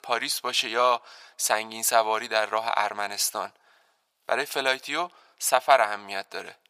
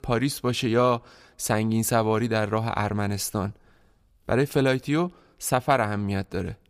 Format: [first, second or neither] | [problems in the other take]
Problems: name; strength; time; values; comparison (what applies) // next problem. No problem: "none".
second | thin; very; fading below 850 Hz